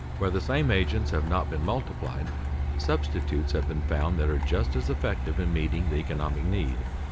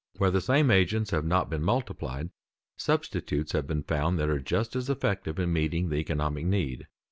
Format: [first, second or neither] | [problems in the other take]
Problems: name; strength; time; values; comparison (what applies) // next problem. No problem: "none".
second | background sound (Truck); 1 dB above the speech